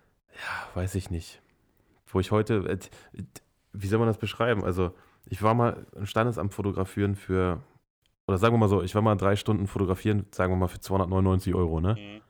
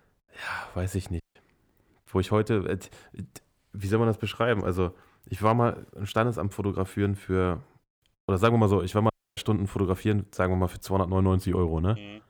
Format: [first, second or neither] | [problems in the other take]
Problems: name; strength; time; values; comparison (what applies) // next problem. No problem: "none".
first | audio cutting out; at 1 s and at 9 s